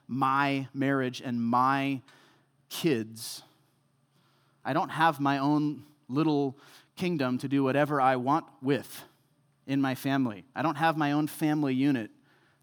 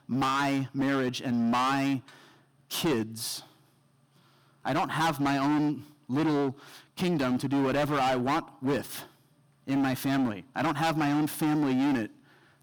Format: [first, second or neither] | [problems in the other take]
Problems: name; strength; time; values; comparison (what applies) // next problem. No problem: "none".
first | distortion; heavy; 18% of the sound clipped